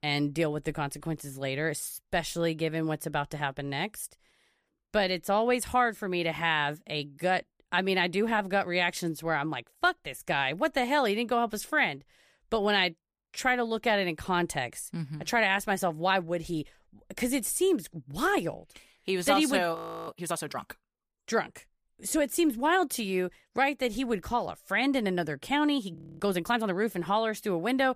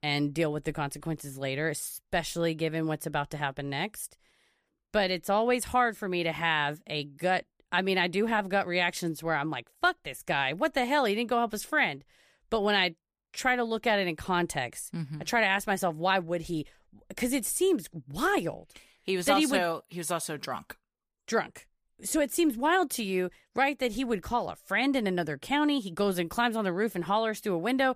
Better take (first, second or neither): second